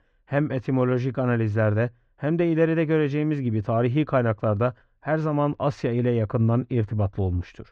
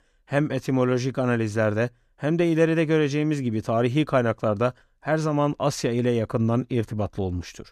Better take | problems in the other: second | muffled; slightly; fading above 2.5 kHz

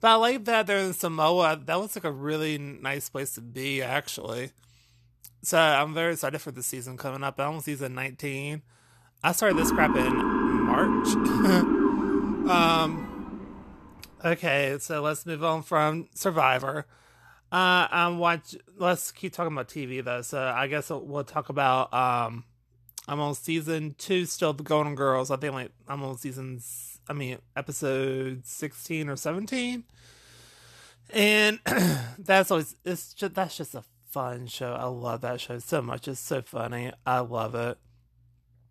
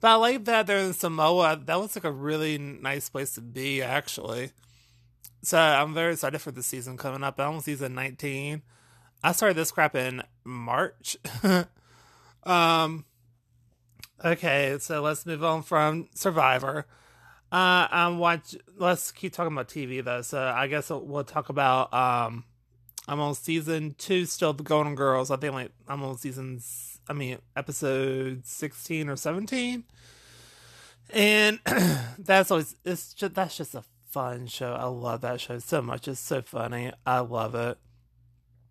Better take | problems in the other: second | siren; loud; from 9.5 to 13 s; peak 4 dB above the speech

